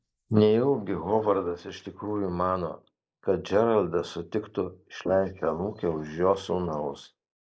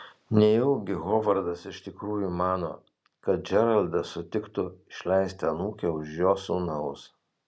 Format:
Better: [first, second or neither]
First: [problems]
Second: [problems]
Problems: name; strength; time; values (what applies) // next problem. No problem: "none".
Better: second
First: noise reduction (neural mask model Resemble Enhance denoiser)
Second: none